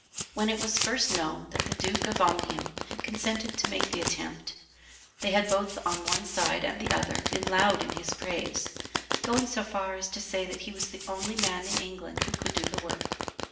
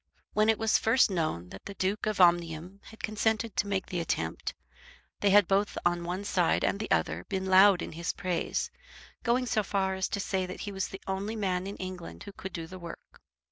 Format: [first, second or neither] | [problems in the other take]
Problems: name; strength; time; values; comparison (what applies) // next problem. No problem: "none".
second | background sound (Domestic sounds, home sounds); 2 dB below the speech // room echo; dies away in 0.8 s